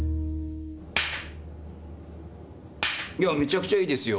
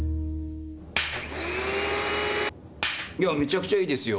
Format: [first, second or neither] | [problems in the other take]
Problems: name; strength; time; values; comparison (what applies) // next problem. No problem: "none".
first | background sound (Domestic sounds, home sounds); 1 dB above the speech